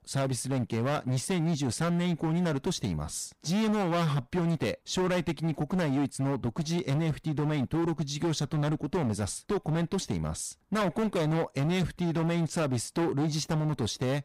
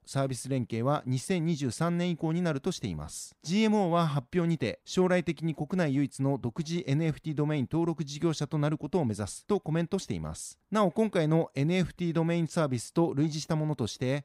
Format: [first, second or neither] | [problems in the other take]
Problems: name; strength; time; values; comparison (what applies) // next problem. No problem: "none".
second | distortion; heavy; 22% of the sound clipped